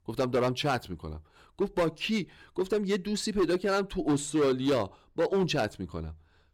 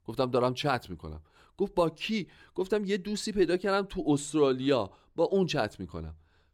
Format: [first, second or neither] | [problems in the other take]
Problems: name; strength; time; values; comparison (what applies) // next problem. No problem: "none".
second | distortion; slight; 7% of the sound clipped